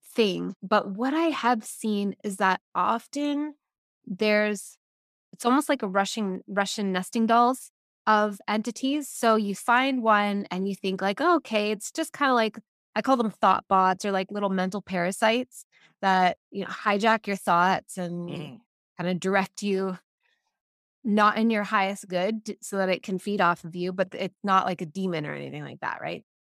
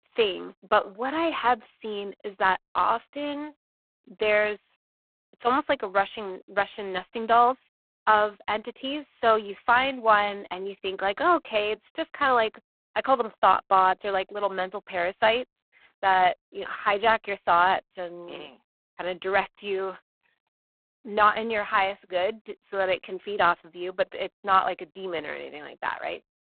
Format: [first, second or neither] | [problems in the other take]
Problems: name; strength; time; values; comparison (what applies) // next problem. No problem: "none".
first | phone-call audio; poor line